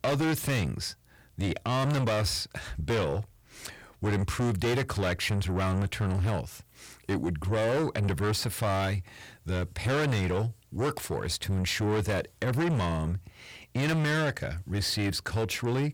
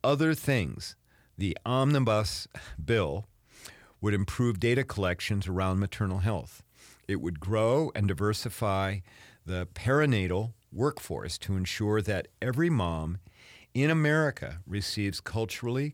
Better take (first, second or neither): second